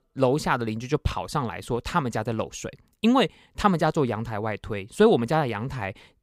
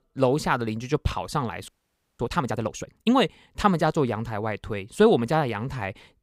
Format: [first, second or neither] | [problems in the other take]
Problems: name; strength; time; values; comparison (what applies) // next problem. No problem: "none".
first | audio freezing; at 1.5 s for 0.5 s